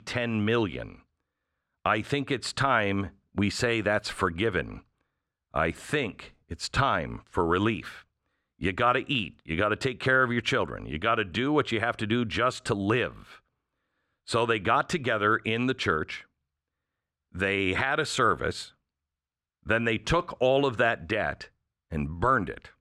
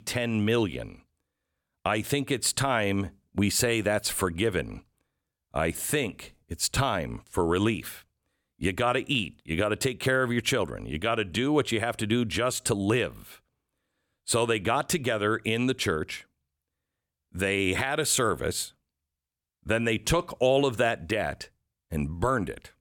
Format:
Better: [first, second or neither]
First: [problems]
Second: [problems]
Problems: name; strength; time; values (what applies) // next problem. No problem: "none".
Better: second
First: muffled; slightly; fading above 4.5 kHz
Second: none